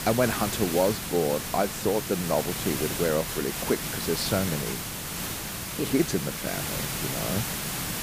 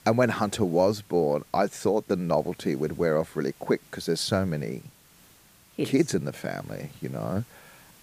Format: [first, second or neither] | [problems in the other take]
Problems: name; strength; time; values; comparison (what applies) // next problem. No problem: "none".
second | hiss; loud; throughout; 2 dB below the speech; faint in the second